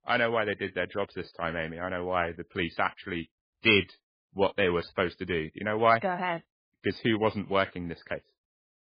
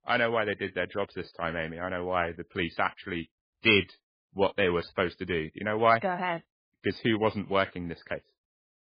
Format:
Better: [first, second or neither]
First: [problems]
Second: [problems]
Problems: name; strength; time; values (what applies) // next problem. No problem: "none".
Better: neither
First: garbled, watery; badly; nothing above 5 kHz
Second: garbled, watery; badly; nothing above 5 kHz